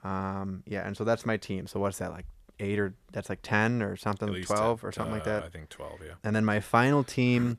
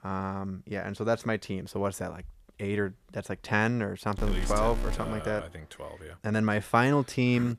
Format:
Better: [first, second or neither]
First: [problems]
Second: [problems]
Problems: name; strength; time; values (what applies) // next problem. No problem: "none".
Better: first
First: none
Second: alarm; noticeable; from 4 to 5.5 s; peak 5 dB below the speech